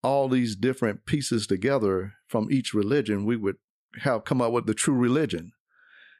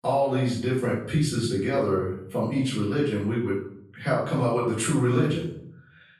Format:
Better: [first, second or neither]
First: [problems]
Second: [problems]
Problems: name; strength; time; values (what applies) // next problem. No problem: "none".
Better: first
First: none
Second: off-mic speech; far // room echo; noticeable; dies away in 0.6 s